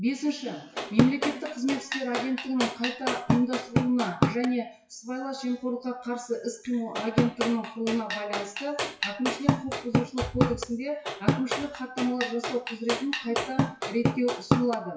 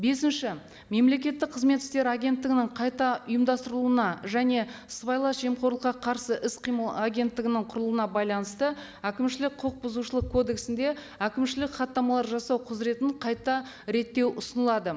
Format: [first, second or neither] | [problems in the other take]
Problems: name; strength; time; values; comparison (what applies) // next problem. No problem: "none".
second | noise reduction (classical method WPE with log-MMSE)